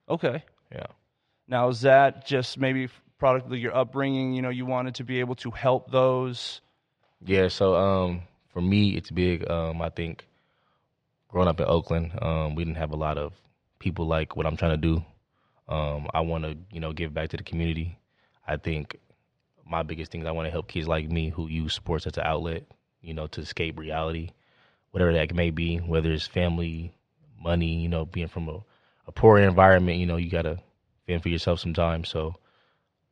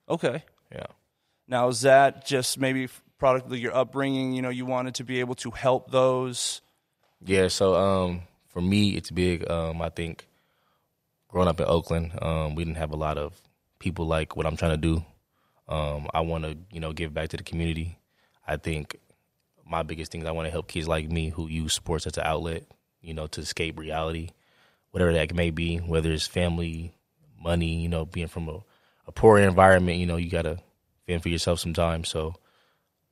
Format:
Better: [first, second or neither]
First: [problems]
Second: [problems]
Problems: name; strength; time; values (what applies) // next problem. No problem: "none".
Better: second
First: muffled; very slightly; fading above 4 kHz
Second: none